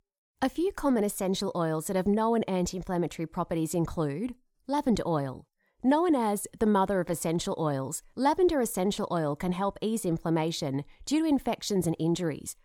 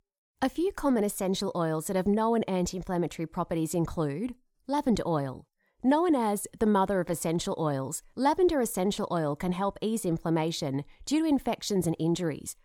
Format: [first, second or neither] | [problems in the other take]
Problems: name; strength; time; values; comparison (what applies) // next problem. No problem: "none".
neither | none